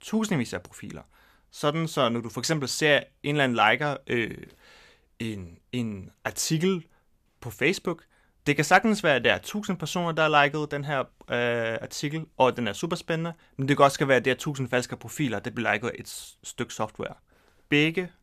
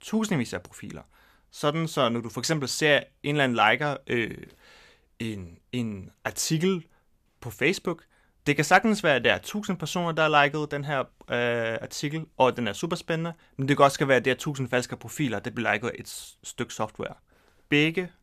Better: neither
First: none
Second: none

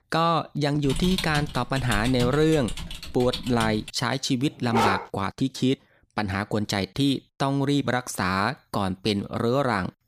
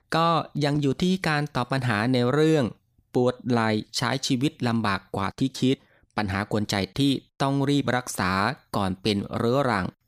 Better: second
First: keyboard typing; noticeable; from 1 to 4 s; peak 4 dB below the speech // dog barking; loud; at 4.5 s; peak 1 dB above the speech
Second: none

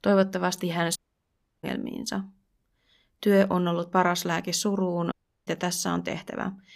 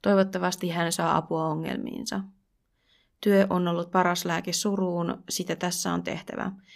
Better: second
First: audio cutting out; at 1 s for 0.5 s and at 5 s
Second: none

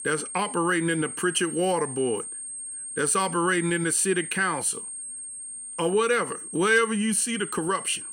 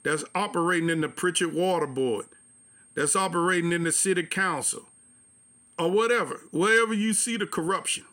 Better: second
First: high-pitched whine; loud; throughout; 8.5 kHz, 9 dB below the speech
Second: high-pitched whine; faint; throughout; 8.5 kHz, 30 dB below the speech

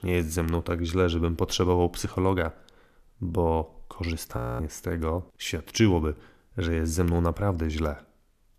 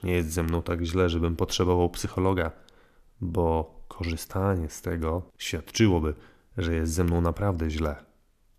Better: second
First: audio freezing; at 4.5 s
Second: none

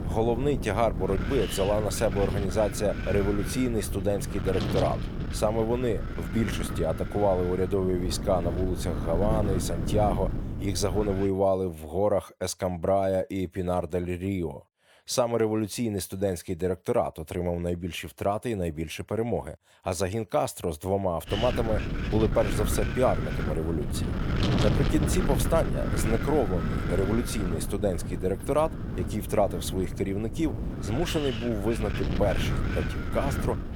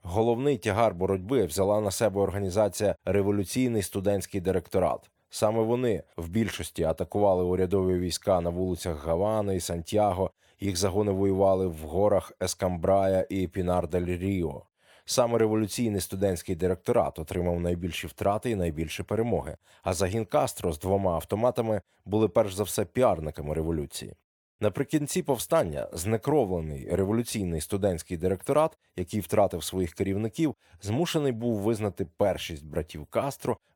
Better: second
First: wind noise on the microphone; heavy; until 11 s and from 21 s on; 8 dB below the speech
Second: none

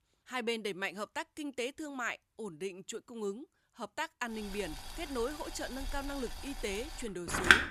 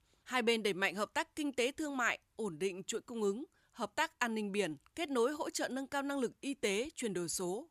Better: second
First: household noises; very loud; from 4.5 s on; 3 dB above the speech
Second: none

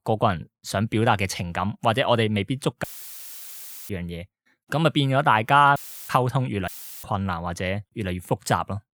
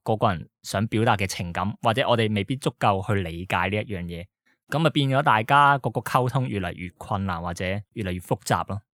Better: second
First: audio cutting out; filled with static; at 3 s for 1 s, at 6 s and at 6.5 s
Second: none

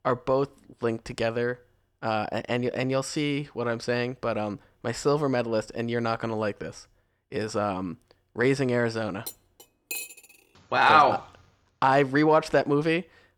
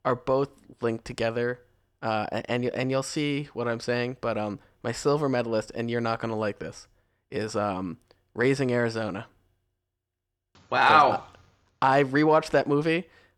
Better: second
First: clattering dishes; noticeable; at 9.5 s; peak 8 dB below the speech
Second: none

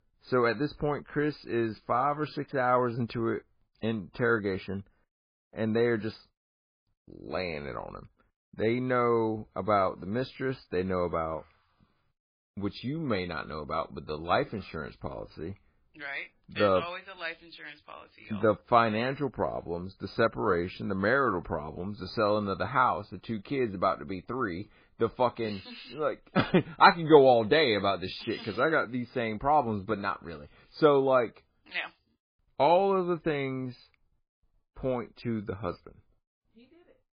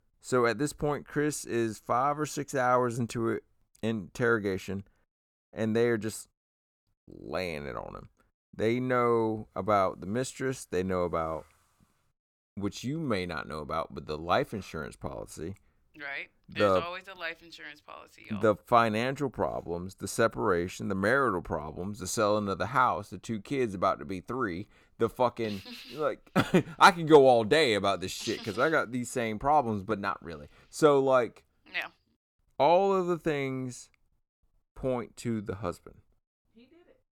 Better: second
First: garbled, watery; badly; nothing above 4 kHz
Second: none

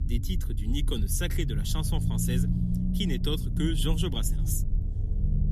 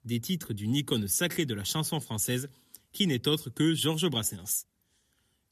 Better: second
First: low rumble; loud; throughout; 7 dB below the speech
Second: none

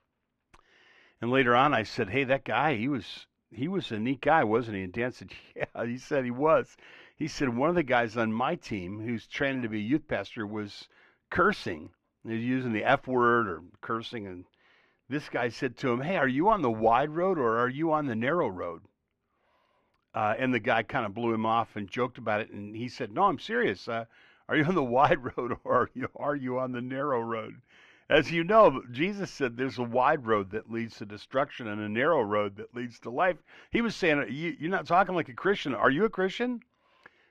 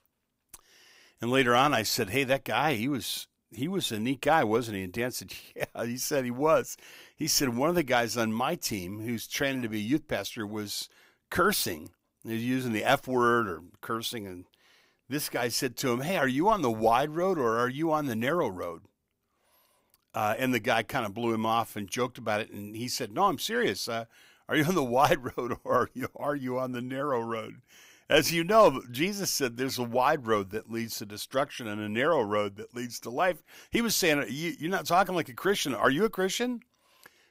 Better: second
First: muffled; slightly; fading above 2 kHz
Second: none

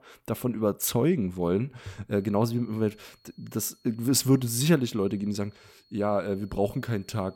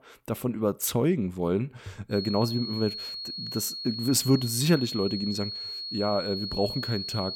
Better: first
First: high-pitched whine; faint; from 2 s on; 4.5 kHz, 35 dB below the speech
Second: high-pitched whine; loud; from 2 s on; 4.5 kHz, 6 dB below the speech

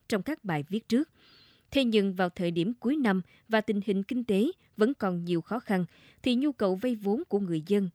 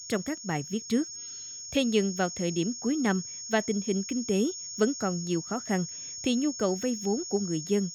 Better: first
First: none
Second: high-pitched whine; loud; throughout; 6.5 kHz, 7 dB below the speech

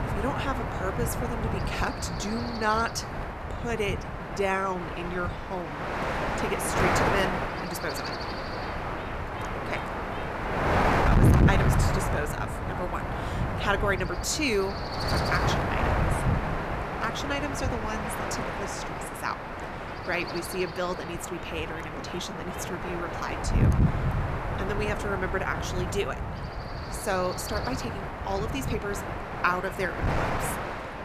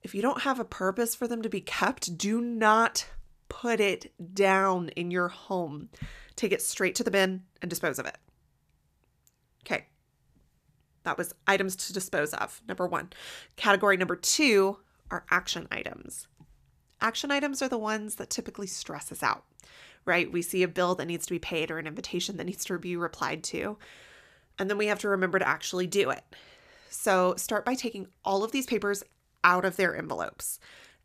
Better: second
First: wind noise on the microphone; heavy; as loud as the speech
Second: none

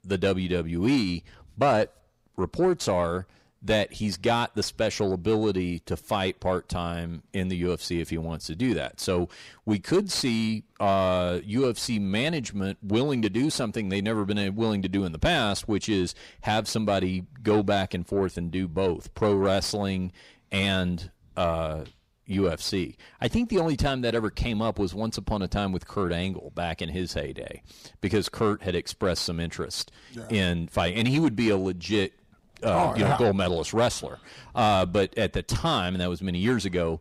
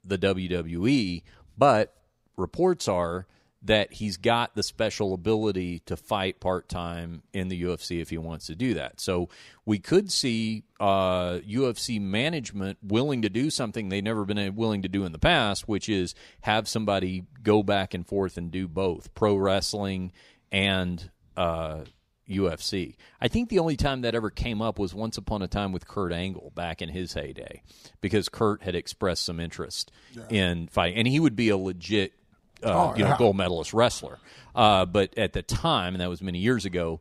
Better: second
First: distortion; slight; 10 dB below the speech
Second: none

